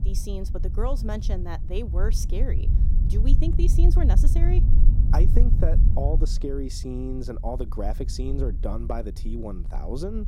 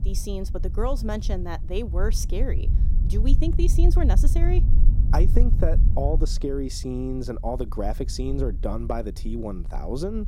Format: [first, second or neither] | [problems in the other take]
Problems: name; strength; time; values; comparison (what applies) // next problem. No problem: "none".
second | wind noise on the microphone; heavy; 8 dB below the speech; occasional gusts in the second